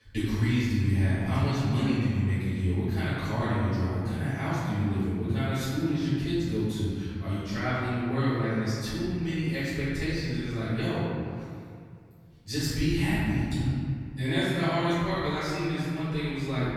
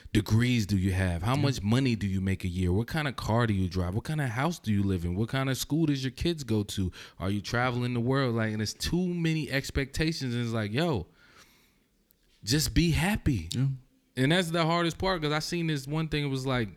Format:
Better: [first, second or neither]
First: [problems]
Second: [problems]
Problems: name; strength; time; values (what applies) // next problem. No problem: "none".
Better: second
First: off-mic speech; far // room echo; strong; dies away in 2.2 s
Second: none